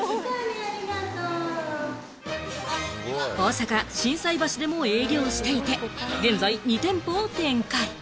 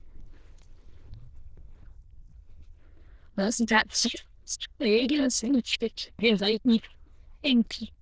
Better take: first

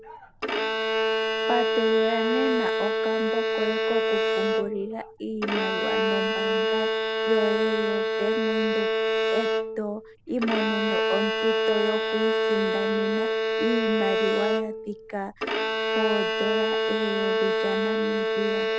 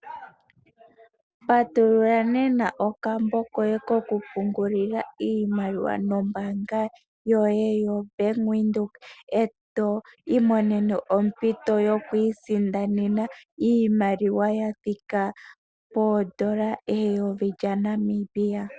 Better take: second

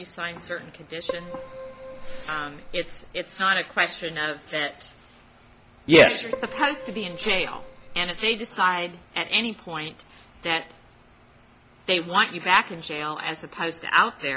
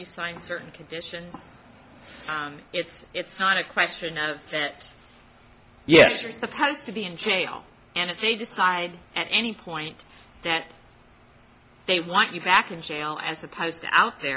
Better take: second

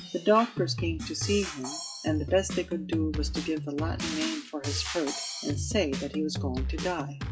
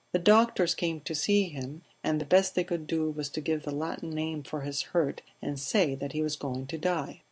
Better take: second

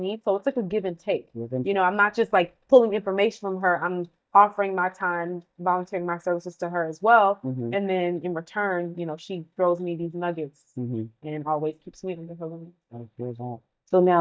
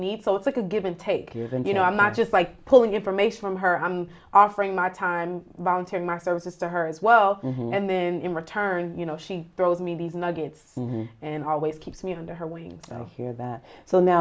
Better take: second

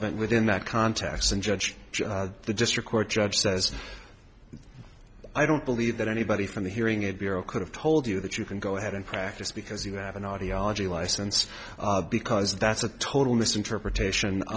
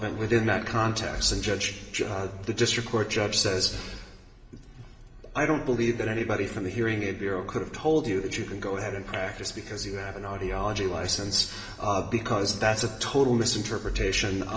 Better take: first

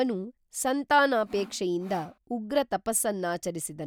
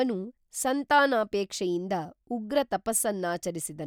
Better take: second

